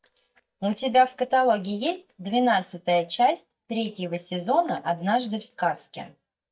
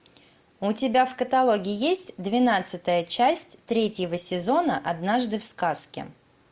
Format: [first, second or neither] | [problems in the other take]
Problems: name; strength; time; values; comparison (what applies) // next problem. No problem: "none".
second | noise reduction (neural mask model DeepFilterNet 3)